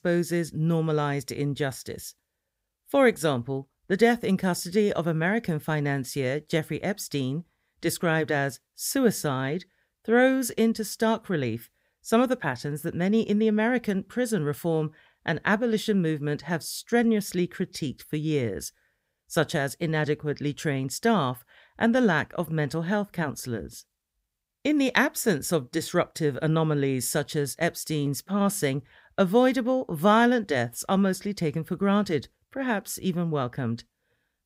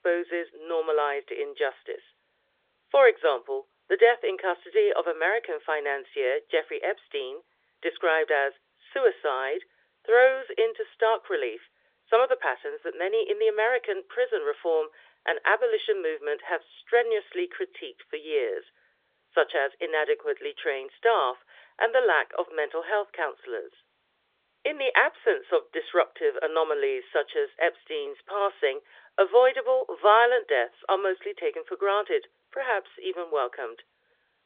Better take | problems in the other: first | phone-call audio; nothing above 3.5 kHz

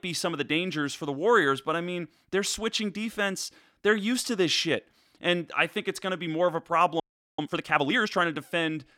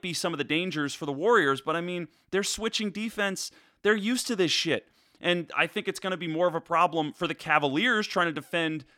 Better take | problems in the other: second | audio freezing; at 7 s

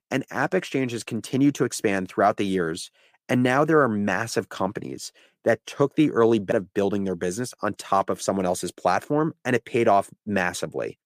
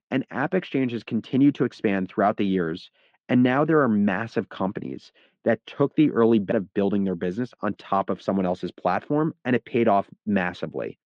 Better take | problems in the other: first | muffled; slightly; fading above 3.5 kHz

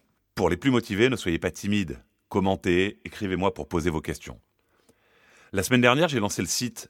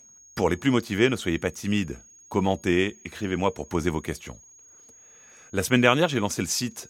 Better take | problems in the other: first | high-pitched whine; faint; throughout; 6.5 kHz, 25 dB below the speech

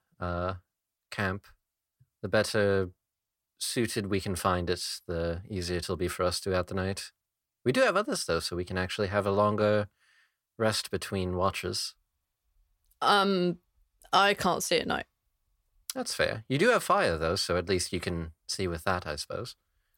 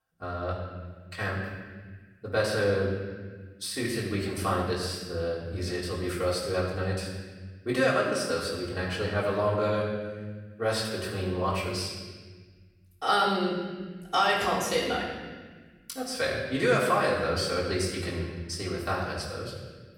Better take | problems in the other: first | off-mic speech; far // room echo; noticeable; dies away in 1.4 s

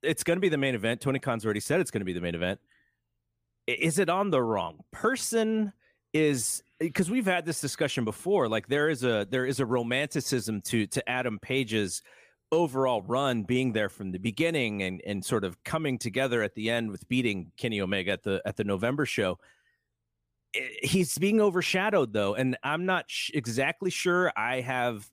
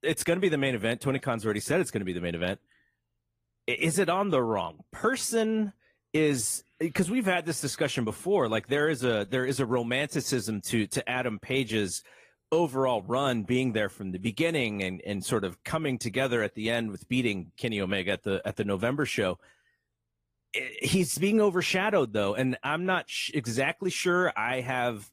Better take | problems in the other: first | garbled, watery; slightly; nothing above 15 kHz

